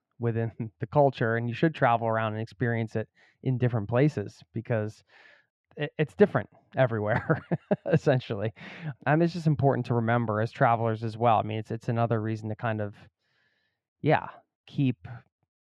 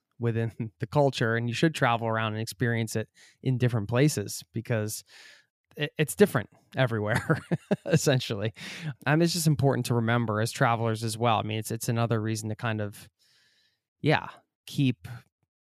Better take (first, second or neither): second